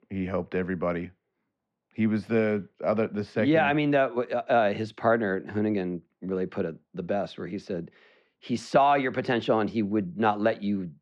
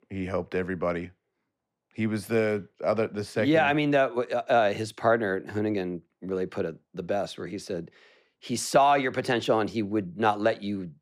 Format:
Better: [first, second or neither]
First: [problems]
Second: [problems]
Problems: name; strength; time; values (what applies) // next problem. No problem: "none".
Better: second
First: muffled; very slightly; fading above 3.5 kHz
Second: none